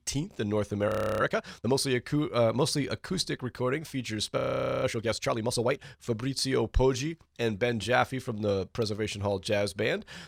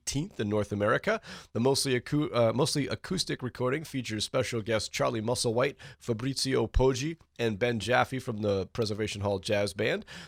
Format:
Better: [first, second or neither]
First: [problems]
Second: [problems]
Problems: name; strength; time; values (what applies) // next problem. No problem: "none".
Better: second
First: audio freezing; at 1 s and at 4.5 s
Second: none